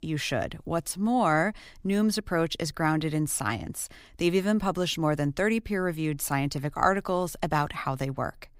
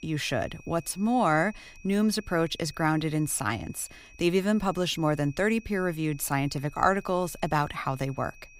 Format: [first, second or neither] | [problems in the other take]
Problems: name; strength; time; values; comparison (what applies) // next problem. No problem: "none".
first | high-pitched whine; faint; throughout; 2.5 kHz, 25 dB below the speech